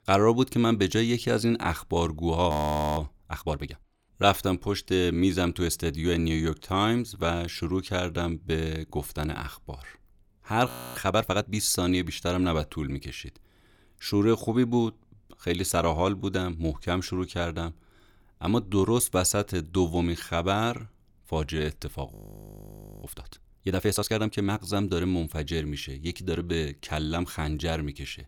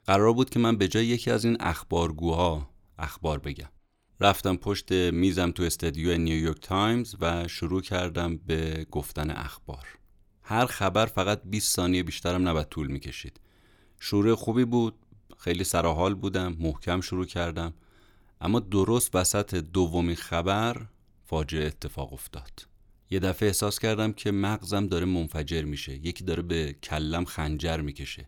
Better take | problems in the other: second | audio freezing; at 2.5 s, at 11 s and at 22 s for 1 s

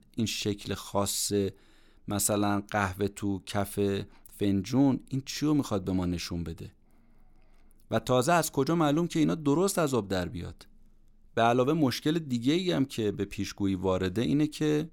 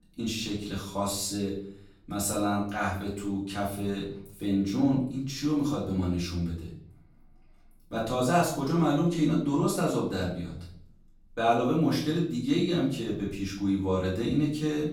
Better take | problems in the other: first | off-mic speech; far // room echo; noticeable; dies away in 0.5 s

